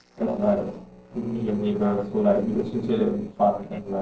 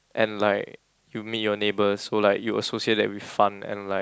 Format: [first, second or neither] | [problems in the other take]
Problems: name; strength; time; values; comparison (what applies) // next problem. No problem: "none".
second | noise reduction (neural separator model SepFormer DNS4)